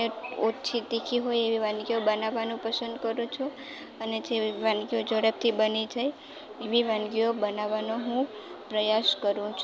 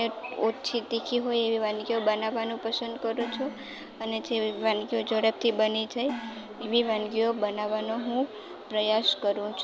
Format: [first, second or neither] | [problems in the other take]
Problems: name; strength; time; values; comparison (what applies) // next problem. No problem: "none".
first | background sound (Gong); 15 dB below the speech